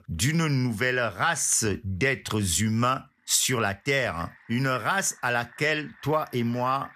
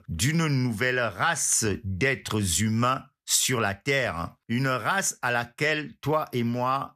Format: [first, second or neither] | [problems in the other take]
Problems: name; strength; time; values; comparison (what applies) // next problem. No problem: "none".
second | household noises; faint; throughout; 25 dB below the speech